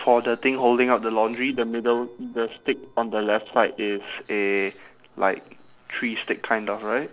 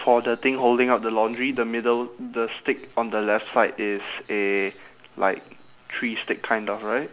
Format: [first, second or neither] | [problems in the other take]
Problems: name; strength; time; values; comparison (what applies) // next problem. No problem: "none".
second | noise reduction (neural separator model SepFormer DNS4)